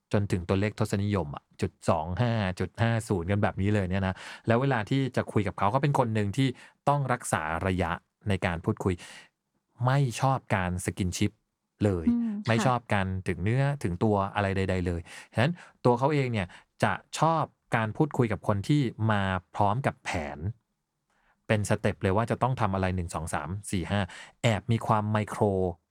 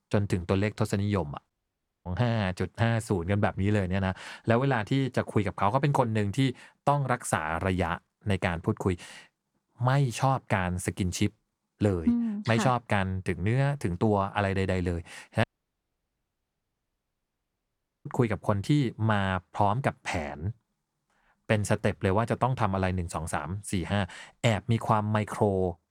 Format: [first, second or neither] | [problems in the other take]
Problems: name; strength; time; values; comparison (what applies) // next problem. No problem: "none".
first | audio cutting out; at 1.5 s for 0.5 s and at 15 s for 2.5 s